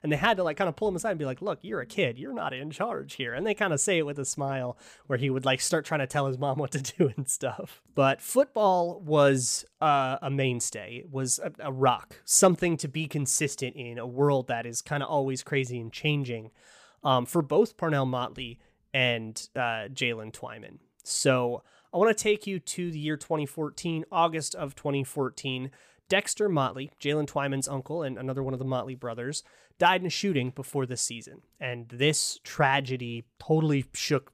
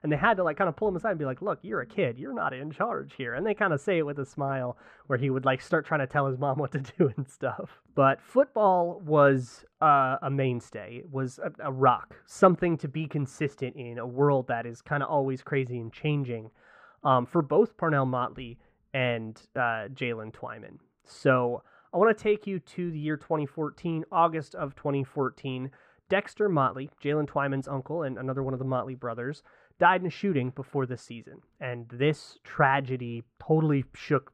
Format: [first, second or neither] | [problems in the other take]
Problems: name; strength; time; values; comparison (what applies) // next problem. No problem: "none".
first | muffled; very; fading above 4 kHz